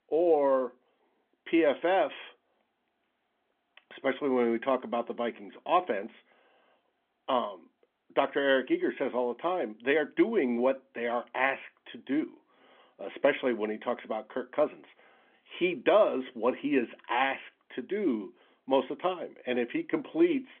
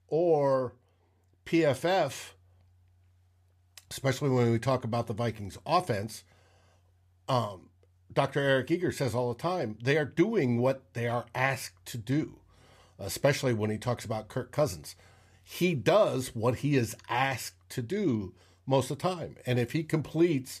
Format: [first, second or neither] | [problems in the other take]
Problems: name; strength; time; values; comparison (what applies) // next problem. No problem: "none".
second | phone-call audio; nothing above 3.5 kHz